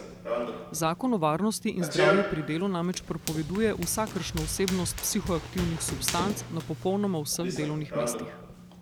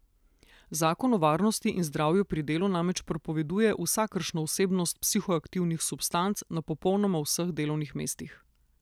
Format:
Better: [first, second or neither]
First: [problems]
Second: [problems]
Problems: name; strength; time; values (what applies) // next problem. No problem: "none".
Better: second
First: background sound (Run); 4 dB below the speech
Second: none